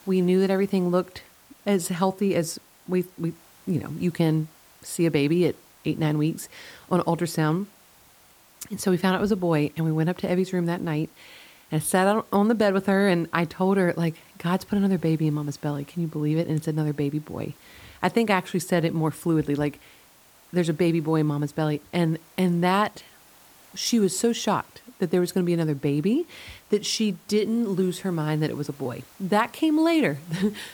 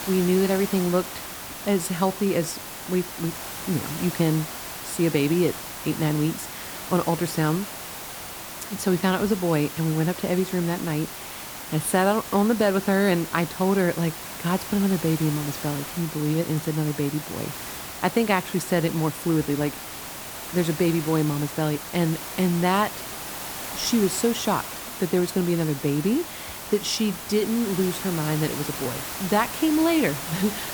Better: first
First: hiss; faint; throughout; 25 dB below the speech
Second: hiss; loud; throughout; 8 dB below the speech

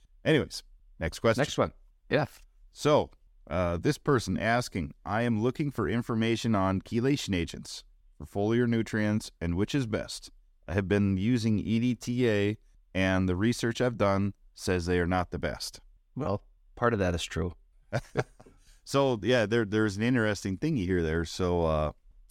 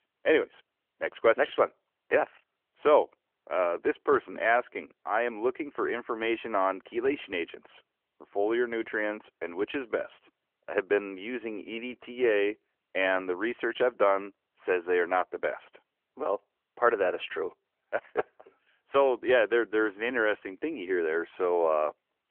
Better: first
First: none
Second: phone-call audio; nothing above 3.5 kHz

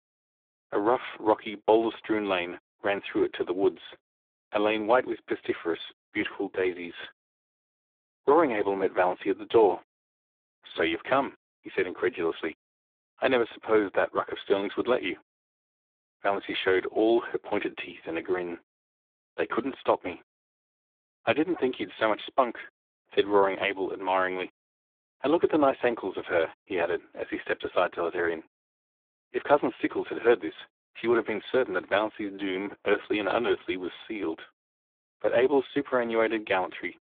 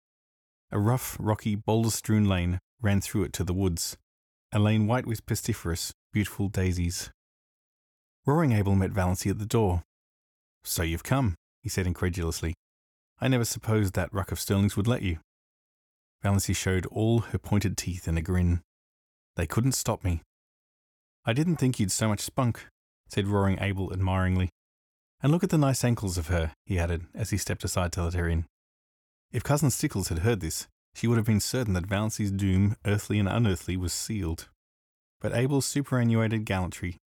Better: second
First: phone-call audio; poor line; nothing above 3.5 kHz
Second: none

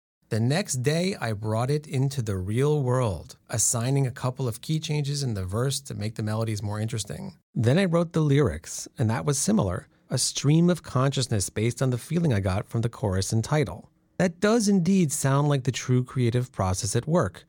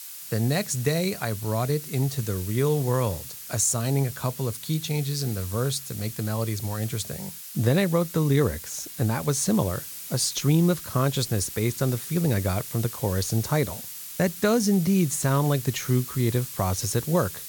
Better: first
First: none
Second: hiss; noticeable; throughout; 10 dB below the speech

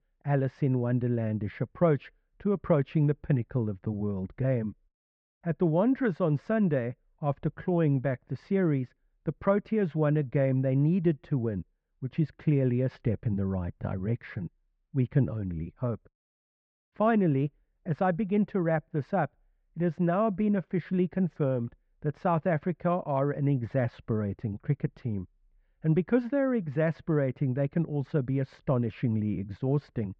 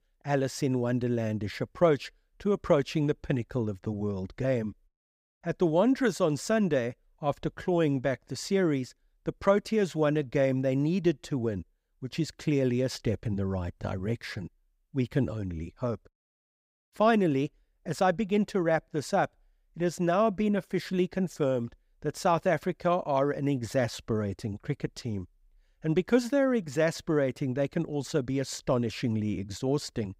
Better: second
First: muffled; very; fading above 2.5 kHz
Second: none

